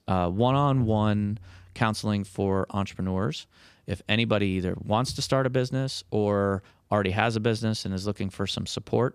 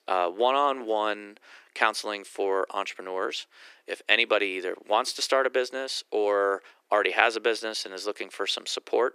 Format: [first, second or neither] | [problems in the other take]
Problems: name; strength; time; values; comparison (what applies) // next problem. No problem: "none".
first | thin; very; fading below 350 Hz